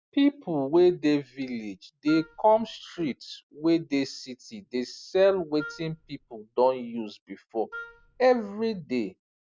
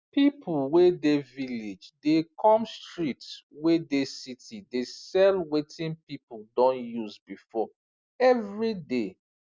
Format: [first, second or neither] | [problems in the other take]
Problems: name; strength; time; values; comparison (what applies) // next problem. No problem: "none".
second | background sound (Wind instrument, woodwind instrument); 18 dB below the speech